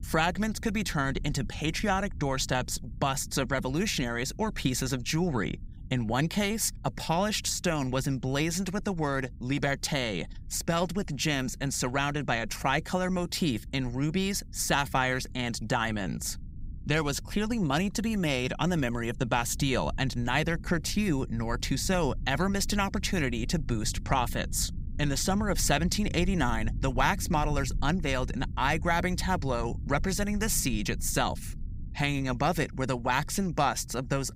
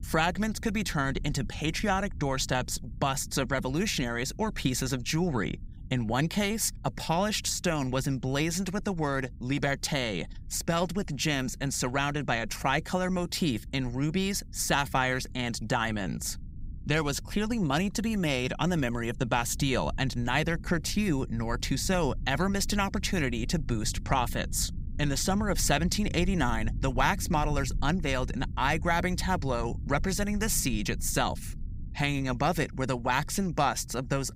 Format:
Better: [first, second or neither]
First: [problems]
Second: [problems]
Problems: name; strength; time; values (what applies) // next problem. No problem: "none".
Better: neither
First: low rumble; faint; throughout; 25 dB below the speech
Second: low rumble; faint; throughout; 25 dB below the speech